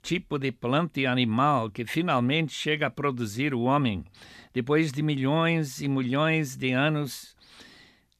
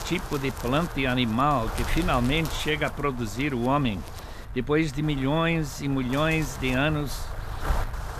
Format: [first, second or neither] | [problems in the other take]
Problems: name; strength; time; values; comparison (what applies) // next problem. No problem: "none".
first | wind noise on the microphone; occasional gusts; 10 dB below the speech